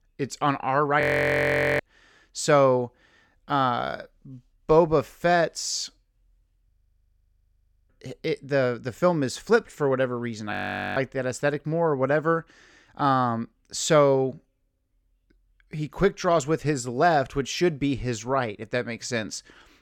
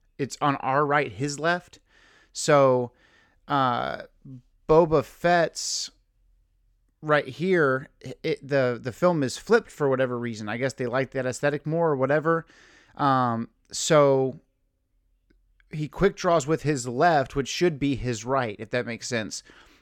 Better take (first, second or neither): second